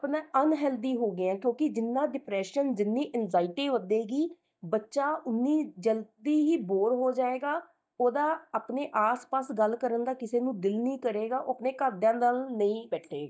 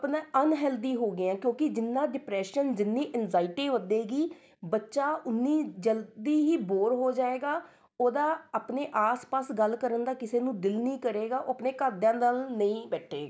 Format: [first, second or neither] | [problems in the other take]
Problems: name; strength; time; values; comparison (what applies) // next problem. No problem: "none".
second | noise reduction (neural mask model DeepFilterNet 3)